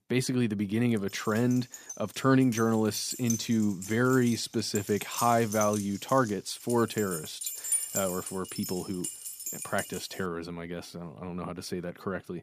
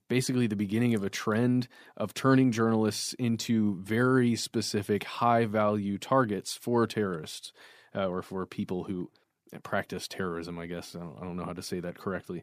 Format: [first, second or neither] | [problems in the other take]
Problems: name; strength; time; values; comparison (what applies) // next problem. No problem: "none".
second | jangling keys; loud; from 1.5 to 10 s; peak 2 dB above the speech